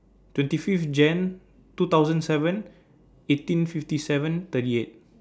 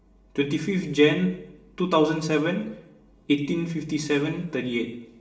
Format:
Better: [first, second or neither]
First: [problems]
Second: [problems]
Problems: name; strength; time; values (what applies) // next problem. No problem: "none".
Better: first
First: none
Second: room echo; dies away in 0.8 s